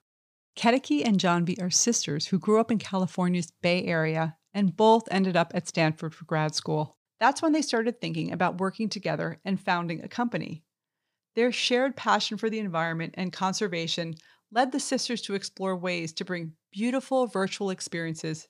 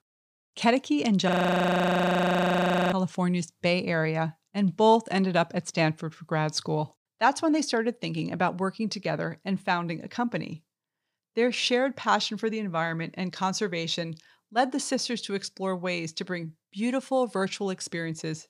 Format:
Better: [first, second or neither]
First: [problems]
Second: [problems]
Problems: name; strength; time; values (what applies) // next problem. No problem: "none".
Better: first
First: none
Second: audio freezing; at 1.5 s for 1.5 s